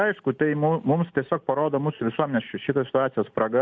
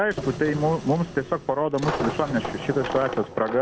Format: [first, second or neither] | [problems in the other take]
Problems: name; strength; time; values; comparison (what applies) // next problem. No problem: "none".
first | background sound (Printer + Coin (dropping)); 8 dB below the speech